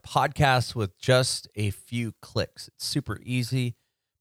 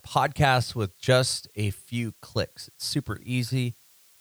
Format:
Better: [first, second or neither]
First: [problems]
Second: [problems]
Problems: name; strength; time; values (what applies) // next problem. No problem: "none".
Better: first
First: none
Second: hiss; faint; throughout; 30 dB below the speech